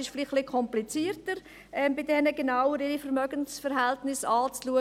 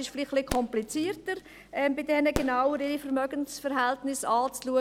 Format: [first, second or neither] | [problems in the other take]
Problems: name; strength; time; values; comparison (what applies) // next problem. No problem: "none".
first | background sound (Fireworks); 13 dB below the speech